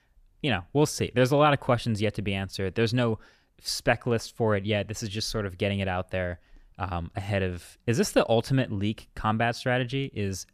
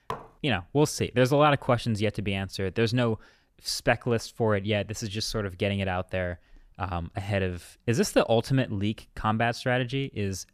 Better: first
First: none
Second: clattering dishes; faint; at the start; peak 10 dB below the speech

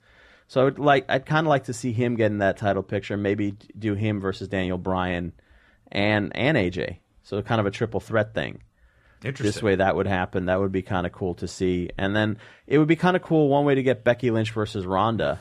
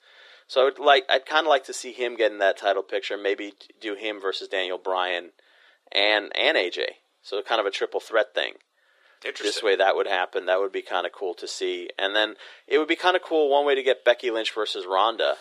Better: first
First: none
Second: thin; very; fading below 400 Hz

